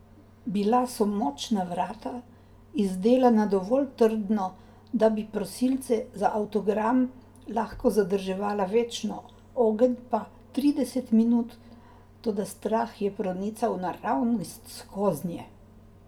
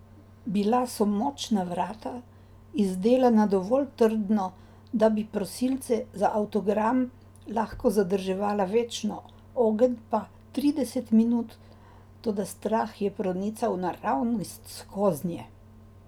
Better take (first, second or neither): second